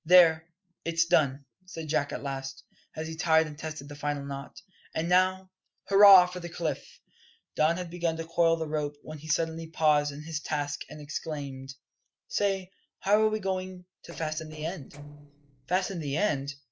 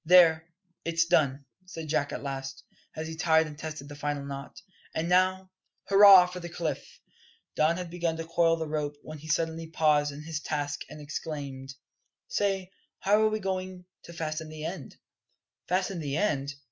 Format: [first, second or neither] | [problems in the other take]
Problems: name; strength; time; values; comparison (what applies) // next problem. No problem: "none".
second | noise reduction (neural separator model SepFormer DNS4)